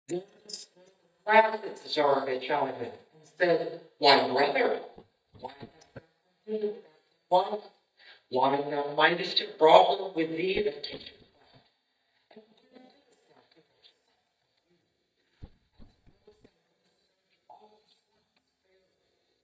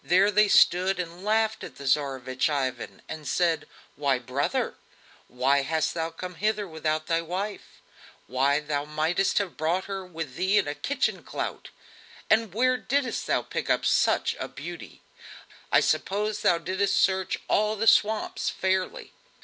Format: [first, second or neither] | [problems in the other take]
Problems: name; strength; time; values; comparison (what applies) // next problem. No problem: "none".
second | noise reduction (neural mask model DeepFilterNet 3)